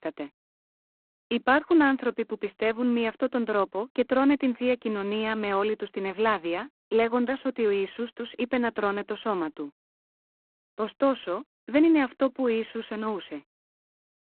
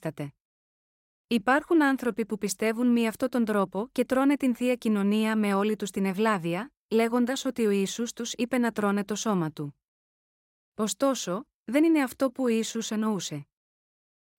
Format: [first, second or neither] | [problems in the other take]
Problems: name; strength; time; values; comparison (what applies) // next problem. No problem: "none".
second | phone-call audio; poor line